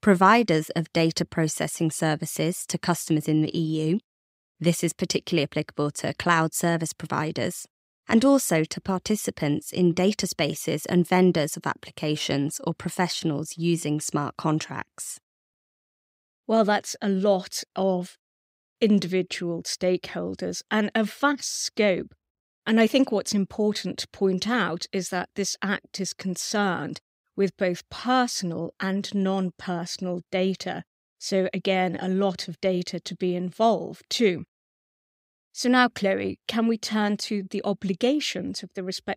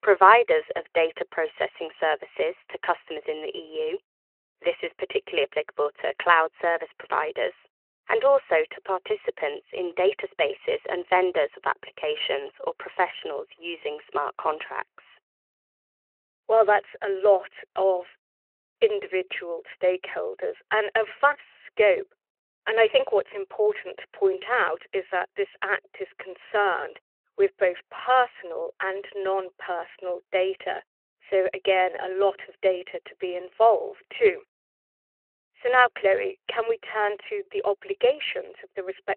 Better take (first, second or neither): first